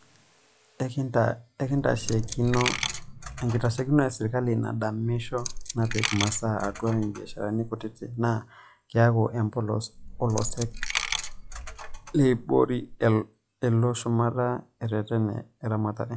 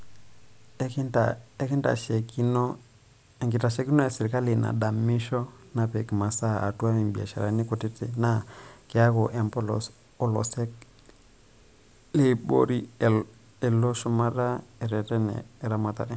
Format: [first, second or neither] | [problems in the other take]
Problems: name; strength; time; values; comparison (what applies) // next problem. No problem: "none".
second | noise reduction (classical method log-MMSE)